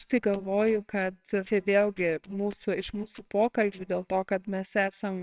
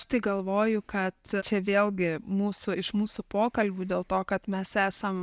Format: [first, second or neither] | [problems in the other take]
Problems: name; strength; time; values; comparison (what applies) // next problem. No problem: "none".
second | noise reduction (neural separator model SepFormer WHAMR!)